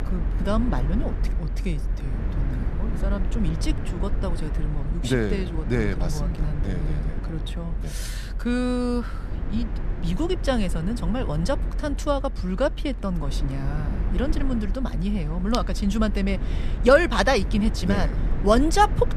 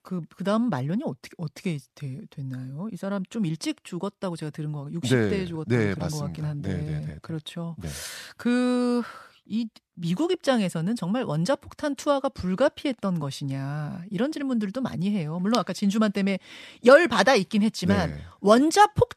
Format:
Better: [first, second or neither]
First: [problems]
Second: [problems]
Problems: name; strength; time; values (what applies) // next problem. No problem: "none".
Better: second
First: low rumble; noticeable; throughout; 15 dB below the speech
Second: none